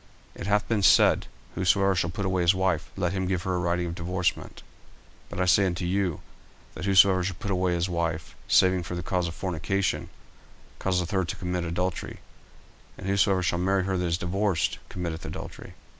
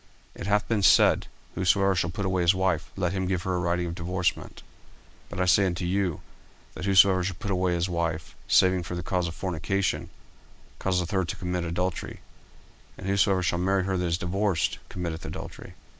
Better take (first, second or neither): first